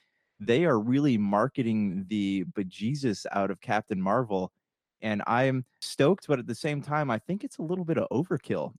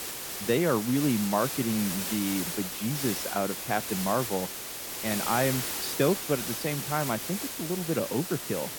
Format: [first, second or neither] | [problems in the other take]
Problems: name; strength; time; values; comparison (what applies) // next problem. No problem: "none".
first | hiss; loud; throughout; 3 dB below the speech